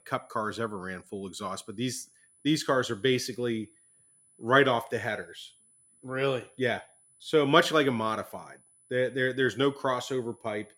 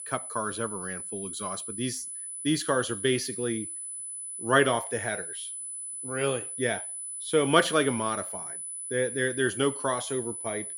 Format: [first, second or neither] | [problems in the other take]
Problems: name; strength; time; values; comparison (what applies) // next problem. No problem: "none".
first | high-pitched whine; loud; throughout; 10 kHz, 6 dB below the speech; faint in the first